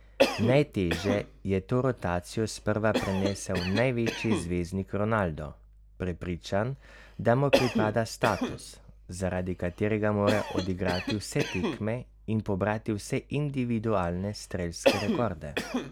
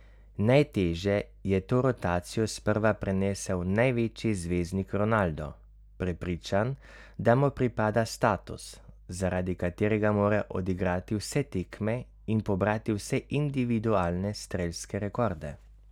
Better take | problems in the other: second | background sound (Cough); 5 dB below the speech

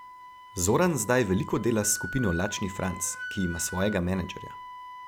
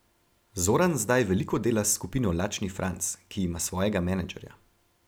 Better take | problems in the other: second | background sound (Wind instrument, woodwind instrument); 12 dB below the speech

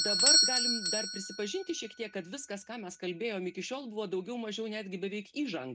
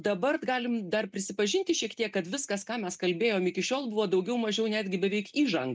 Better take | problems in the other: second | background sound (Bell / Doorbell); 4 dB above the speech

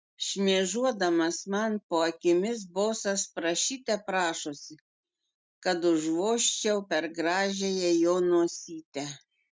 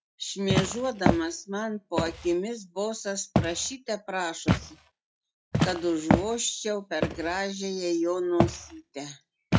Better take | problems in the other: first | noise reduction (classical method log-MMSE)

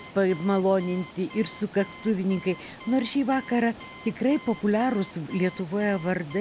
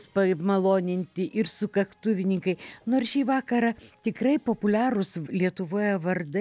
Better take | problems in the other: second | background sound (Water + Alarm); 18 dB below the speech

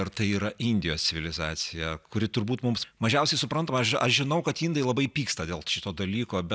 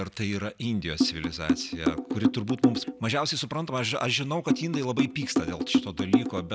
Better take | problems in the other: first | background sound (Drum); 3 dB above the speech

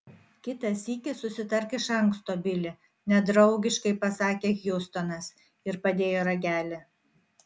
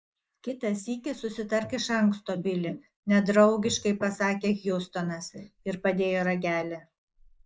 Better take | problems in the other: first | noise reduction (neural mask model Resemble Enhance denoiser)

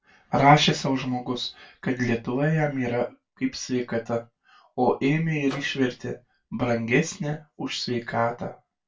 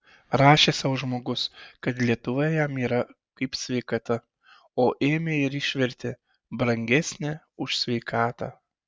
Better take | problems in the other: second | background sound (Microwave oven); 18 dB below the speech // room echo; dies away in 0.2 s

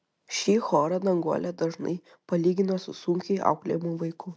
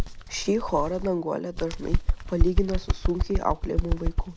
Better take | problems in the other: first | background sound (Bird); 2 dB above the speech

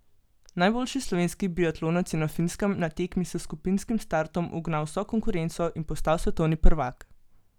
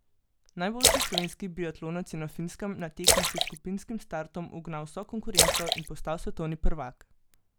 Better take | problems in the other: first | background sound (Splash, splatter); 3 dB above the speech

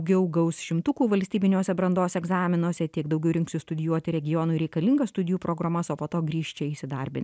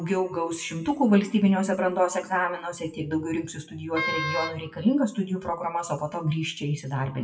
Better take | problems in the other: first | noise reduction (classical method WPE with log-MMSE)

